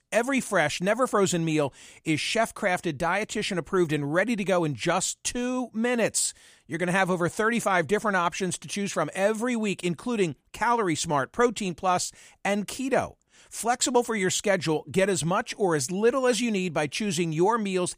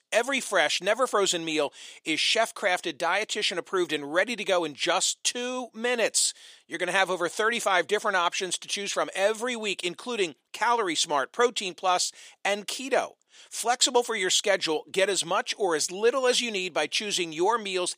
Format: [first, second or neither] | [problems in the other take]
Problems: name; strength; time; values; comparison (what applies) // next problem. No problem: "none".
first | thin; somewhat; fading below 400 Hz